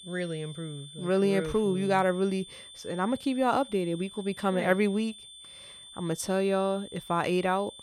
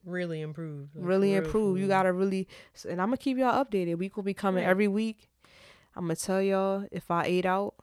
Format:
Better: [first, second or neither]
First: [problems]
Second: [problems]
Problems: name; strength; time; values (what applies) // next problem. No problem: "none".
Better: second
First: high-pitched whine; noticeable; throughout; 3.5 kHz, 15 dB below the speech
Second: none